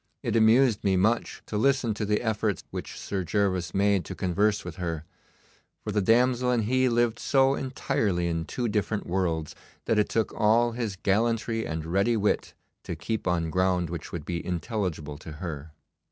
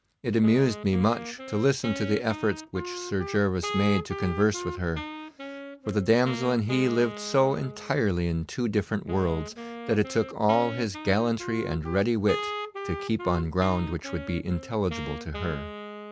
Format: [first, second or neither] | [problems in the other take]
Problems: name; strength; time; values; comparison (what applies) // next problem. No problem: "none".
first | background sound (Wind instrument, woodwind instrument); 11 dB below the speech